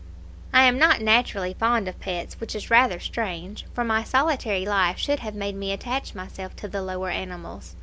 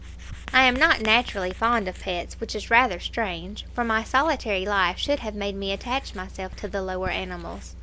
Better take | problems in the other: first | background sound (Writing); 19 dB below the speech

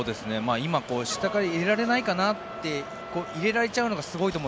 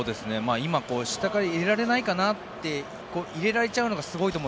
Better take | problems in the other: second | background sound (Trumpet); 17 dB below the speech

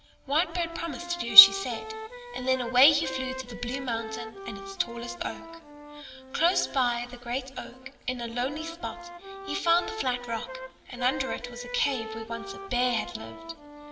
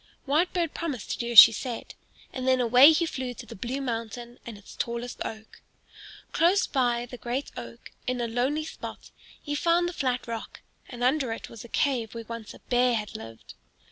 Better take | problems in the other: second | background sound (Wind instrument, woodwind instrument); 11 dB below the speech // room echo; dies away in 2.4 s

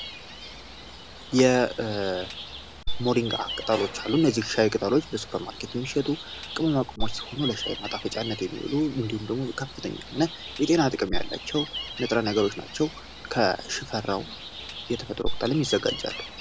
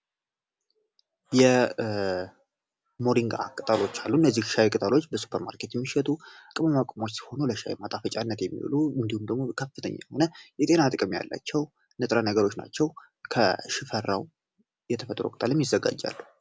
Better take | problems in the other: second | background sound (Gull, seagull); 7 dB below the speech

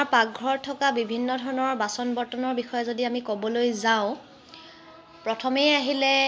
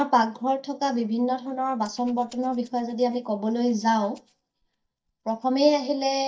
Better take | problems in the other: first | noise reduction (neural mask model DeepFilterNet 3)

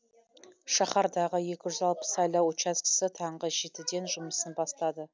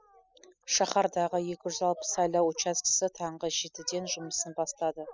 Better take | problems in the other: first | noise reduction (classical method spectral subtraction)

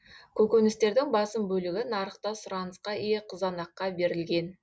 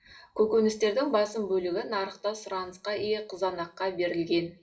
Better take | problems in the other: first | room echo; dies away in 0.4 s

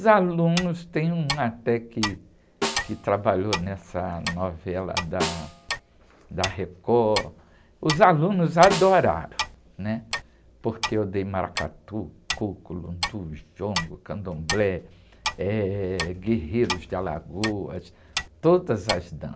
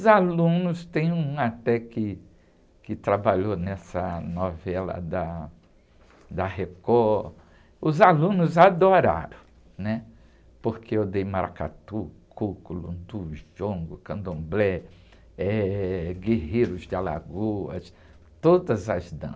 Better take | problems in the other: second | background sound (Snare drum + Clock); 9 dB below the speech

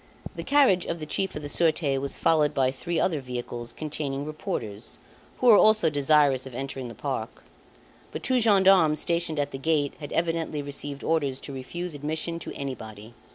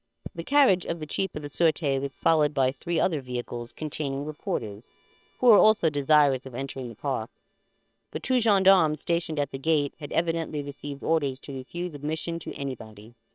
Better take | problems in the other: first | noise reduction (neural separator model SepFormer WHAM!)

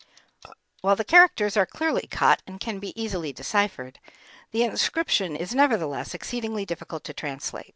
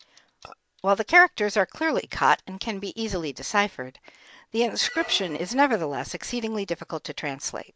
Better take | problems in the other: first | background sound (Squeak); 18 dB below the speech

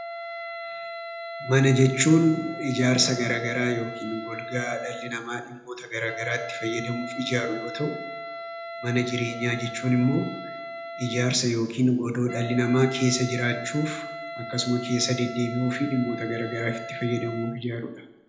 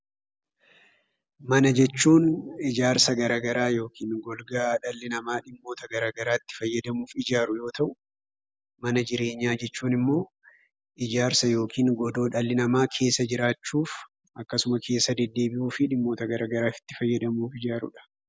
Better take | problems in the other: second | background sound (Wind instrument, woodwind instrument); 11 dB below the speech // room echo; dies away in 0.8 s

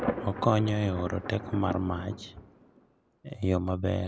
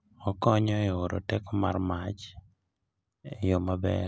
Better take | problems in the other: second | background sound (Thunder); 9 dB below the speech

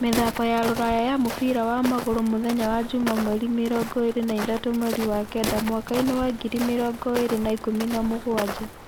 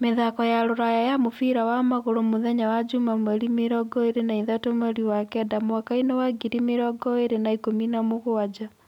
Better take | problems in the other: second | background sound (Walk, footsteps); 9 dB below the speech

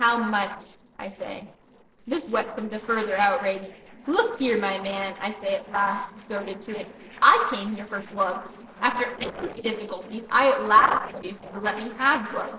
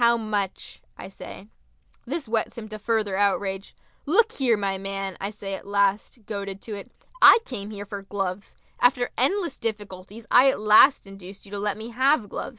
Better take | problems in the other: second | noise reduction (neural separator model SepFormer DNS4)

